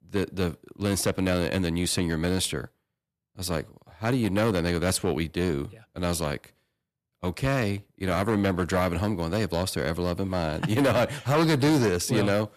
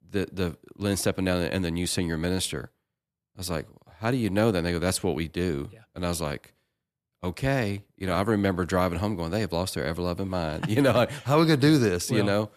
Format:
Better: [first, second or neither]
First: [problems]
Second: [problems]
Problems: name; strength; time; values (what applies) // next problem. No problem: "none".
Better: second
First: distortion; slight; 5% of the sound clipped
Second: none